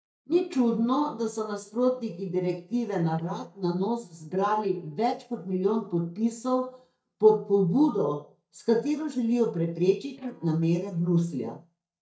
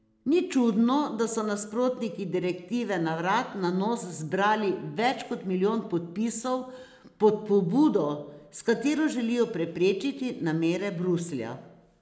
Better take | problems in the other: second | noise reduction (neural mask model DeepFilterNet 3)

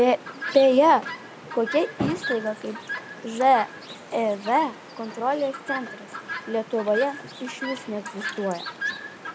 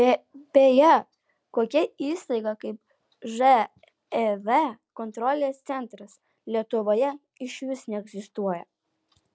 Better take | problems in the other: second | background sound (Chirp, tweet); 10 dB below the speech

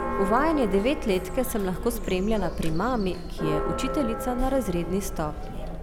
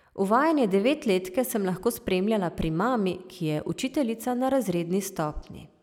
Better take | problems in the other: second | background sound (Chatter + Church bell); 3 dB below the speech

